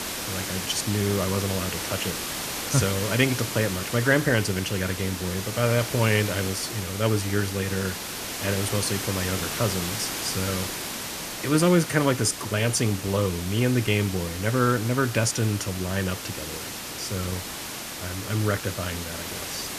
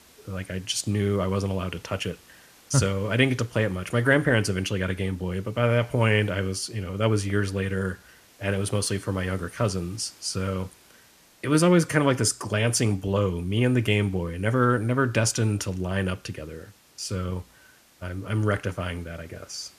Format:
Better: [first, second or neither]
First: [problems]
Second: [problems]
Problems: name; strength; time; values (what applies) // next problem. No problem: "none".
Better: second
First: hiss; loud; throughout; 5 dB below the speech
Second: hiss; faint; throughout; 30 dB below the speech